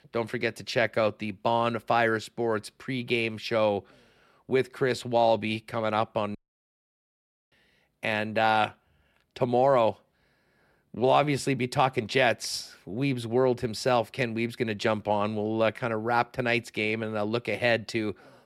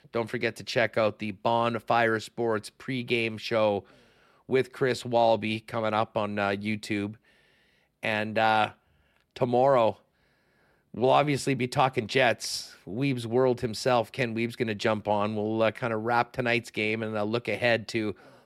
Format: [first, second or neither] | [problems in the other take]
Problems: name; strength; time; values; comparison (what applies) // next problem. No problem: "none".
second | audio cutting out; at 6.5 s for 1 s